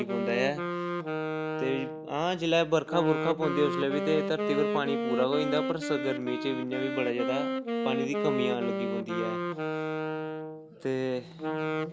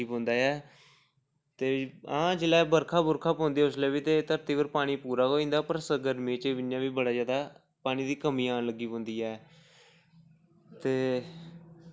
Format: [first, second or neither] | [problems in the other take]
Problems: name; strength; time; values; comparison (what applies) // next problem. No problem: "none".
second | background sound (Wind instrument, woodwind instrument); 1 dB below the speech